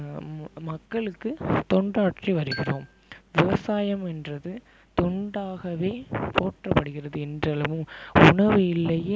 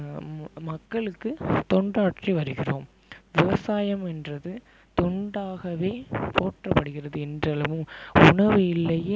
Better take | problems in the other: second | background sound (Marimba, xylophone); 18 dB below the speech

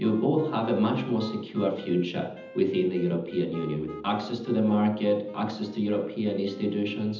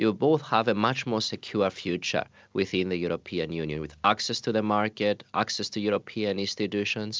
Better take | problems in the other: second | background sound (Wind instrument, woodwind instrument); 18 dB below the speech // room echo; dies away in 0.8 s

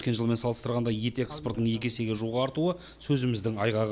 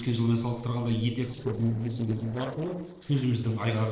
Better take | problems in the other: first | noise reduction (neural separator model SepFormer DNS4)

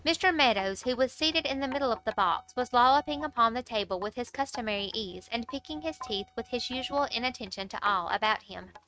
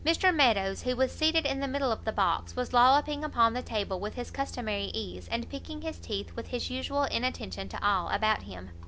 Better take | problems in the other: second | noise reduction (neural mask model RNNoise)

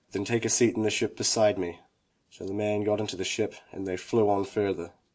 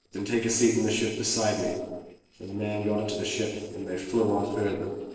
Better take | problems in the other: first | noise reduction (neural separator model SepFormer DNS4)

